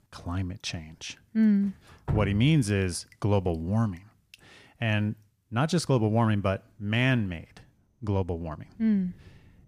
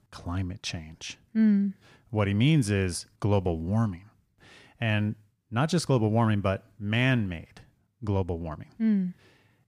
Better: second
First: rain or running water; noticeable; throughout; 10 dB below the speech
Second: none

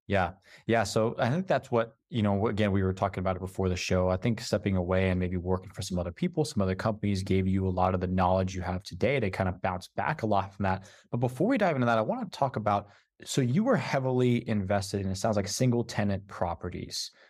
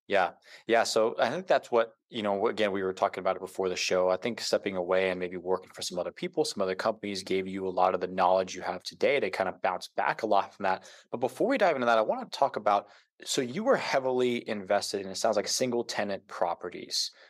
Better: first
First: none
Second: thin; somewhat; fading below 400 Hz

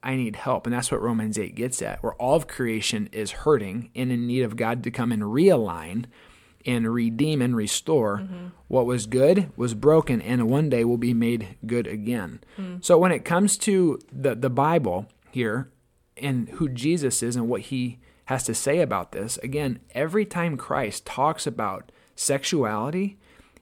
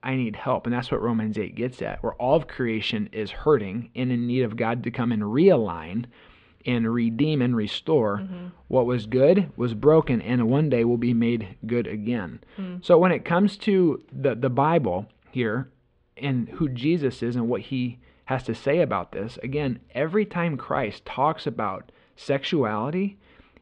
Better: first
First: none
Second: muffled; slightly; fading above 3.5 kHz

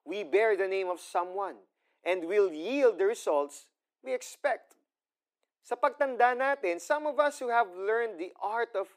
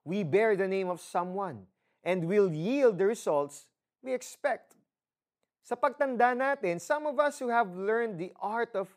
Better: second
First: thin; somewhat; fading below 300 Hz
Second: none

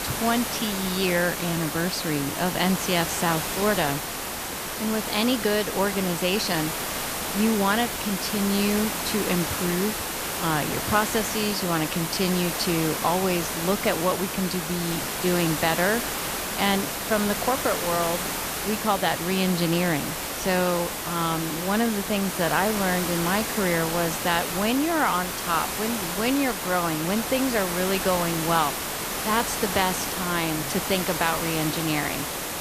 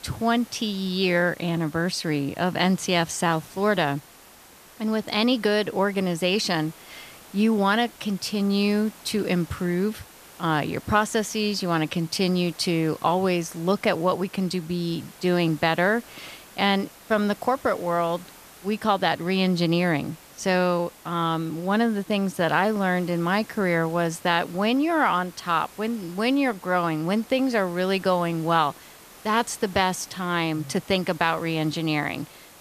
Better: second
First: hiss; loud; throughout; 2 dB below the speech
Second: hiss; faint; throughout; 20 dB below the speech

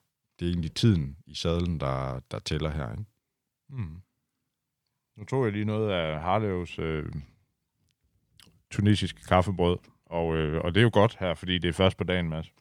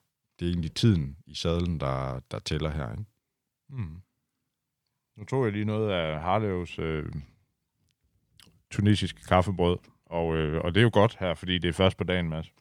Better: neither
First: none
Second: none

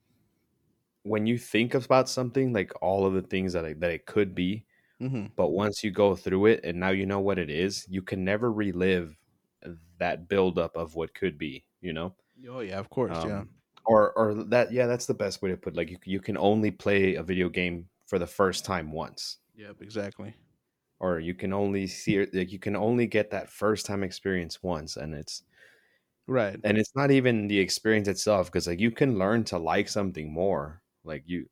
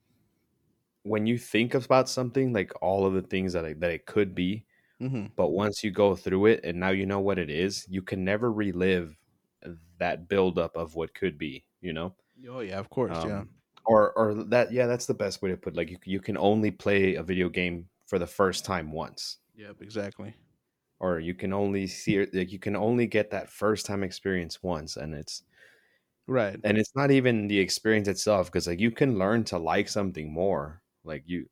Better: neither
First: none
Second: none

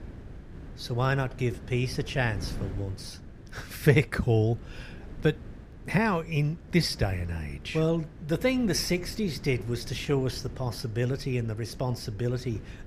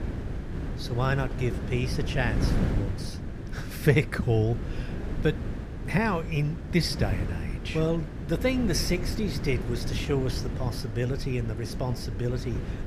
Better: first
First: wind noise on the microphone; occasional gusts; 20 dB below the speech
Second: wind noise on the microphone; heavy; 9 dB below the speech

